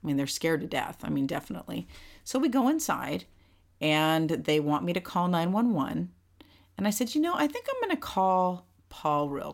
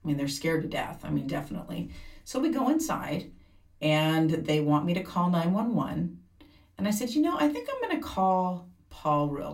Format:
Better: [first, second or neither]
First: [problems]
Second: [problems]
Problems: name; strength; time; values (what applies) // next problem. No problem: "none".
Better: first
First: none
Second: off-mic speech; somewhat distant // room echo; very slight; dies away in 0.2 s